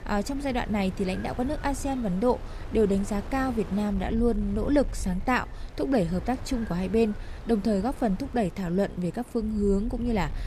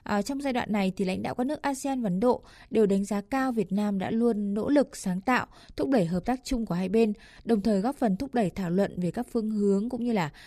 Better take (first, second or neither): second